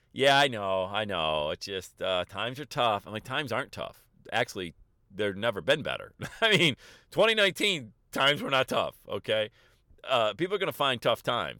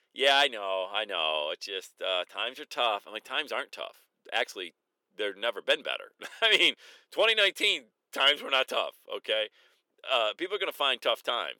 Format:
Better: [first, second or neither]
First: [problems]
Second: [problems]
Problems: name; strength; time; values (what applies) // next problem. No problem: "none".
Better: first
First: none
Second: thin; somewhat; fading below 300 Hz